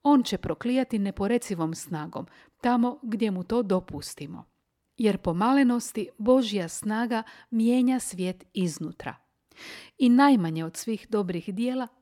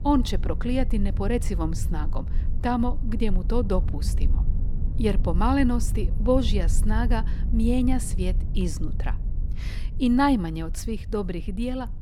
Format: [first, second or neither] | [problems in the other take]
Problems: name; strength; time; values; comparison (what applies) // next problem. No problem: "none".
first | low rumble; noticeable; throughout; 15 dB below the speech